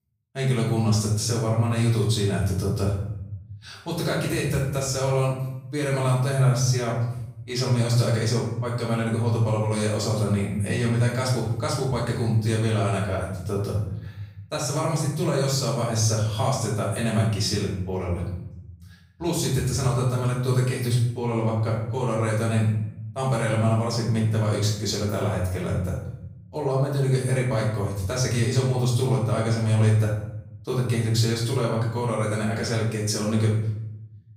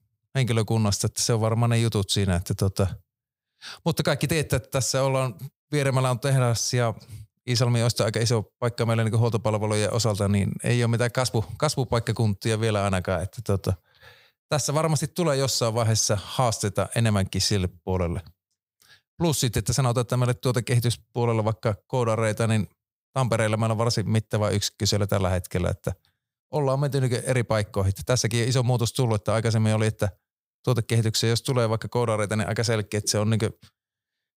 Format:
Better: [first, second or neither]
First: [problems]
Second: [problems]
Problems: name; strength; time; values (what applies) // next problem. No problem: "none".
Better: second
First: off-mic speech; far // room echo; noticeable; dies away in 0.8 s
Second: none